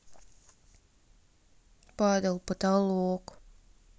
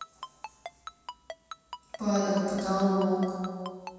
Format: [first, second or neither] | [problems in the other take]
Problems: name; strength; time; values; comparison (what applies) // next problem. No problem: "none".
first | background sound (Ringtone); 14 dB below the speech // room echo; dies away in 2.1 s